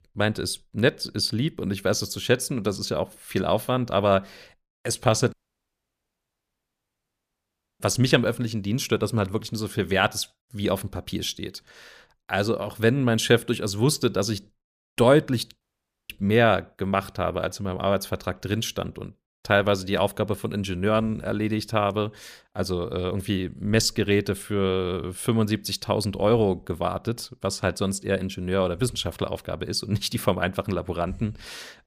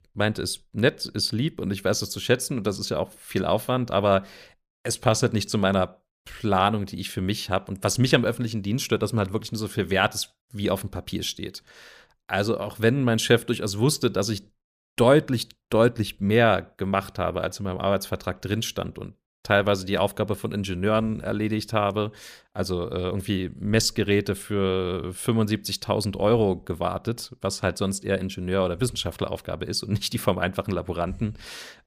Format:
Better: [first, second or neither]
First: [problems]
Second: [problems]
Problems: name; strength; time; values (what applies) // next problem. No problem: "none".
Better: second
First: audio cutting out; at 5.5 s for 2.5 s and at 16 s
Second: none